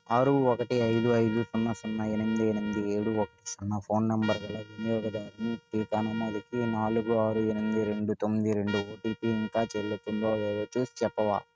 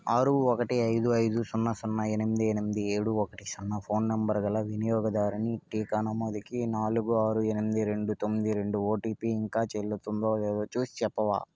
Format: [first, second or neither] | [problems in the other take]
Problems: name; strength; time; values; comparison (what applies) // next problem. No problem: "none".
second | noise reduction (neural mask model RNNoise)